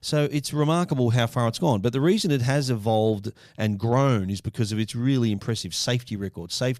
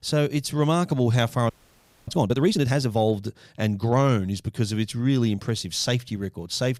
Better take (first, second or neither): first